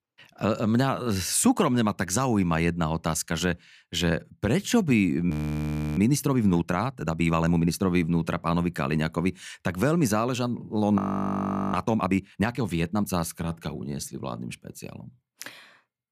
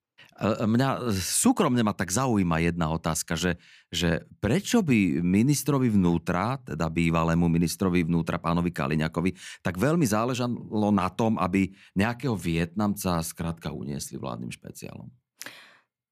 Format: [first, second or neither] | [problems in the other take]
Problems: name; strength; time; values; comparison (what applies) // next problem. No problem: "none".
second | audio freezing; at 5.5 s for 0.5 s and at 11 s for 1 s